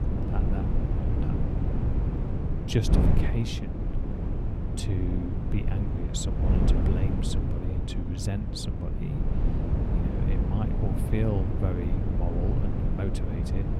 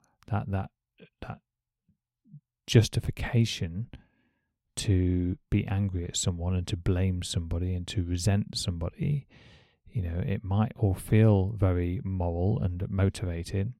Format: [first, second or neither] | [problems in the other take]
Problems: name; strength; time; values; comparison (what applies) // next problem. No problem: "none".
second | wind noise on the microphone; heavy; as loud as the speech